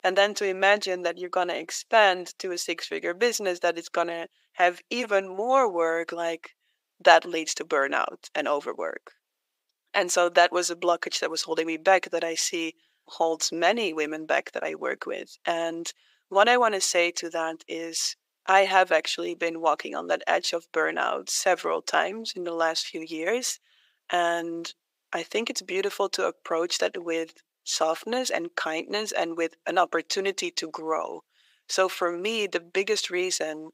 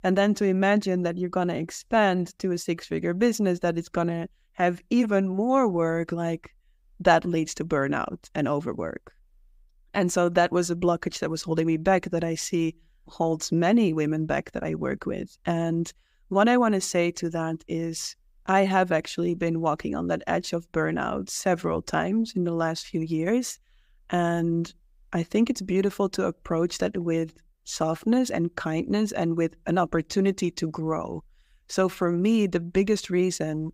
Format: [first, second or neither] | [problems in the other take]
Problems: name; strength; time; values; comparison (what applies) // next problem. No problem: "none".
second | thin; very; fading below 450 Hz